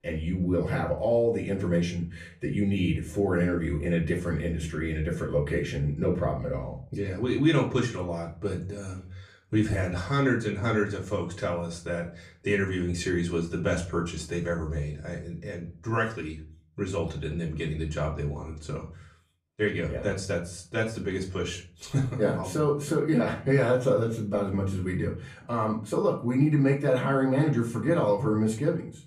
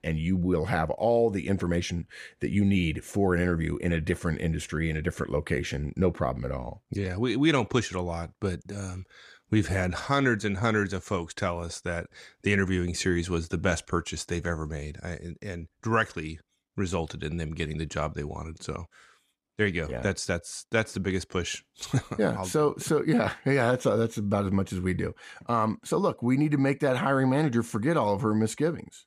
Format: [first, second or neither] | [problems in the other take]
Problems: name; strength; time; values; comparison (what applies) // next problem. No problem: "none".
second | off-mic speech; far // room echo; very slight; dies away in 0.4 s